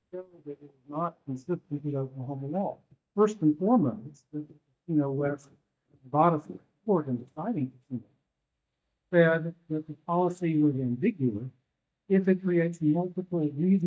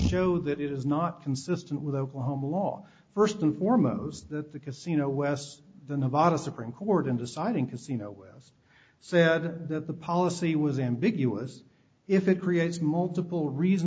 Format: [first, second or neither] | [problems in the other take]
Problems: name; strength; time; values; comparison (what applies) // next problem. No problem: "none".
second | noise reduction (neural mask model DeepFilterNet 3)